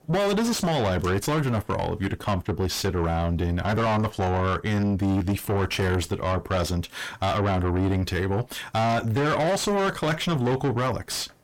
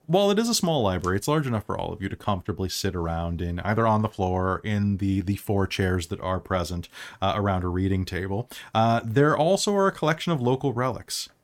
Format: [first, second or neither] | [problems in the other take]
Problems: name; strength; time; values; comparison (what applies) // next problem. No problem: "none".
second | distortion; heavy; 5 dB below the speech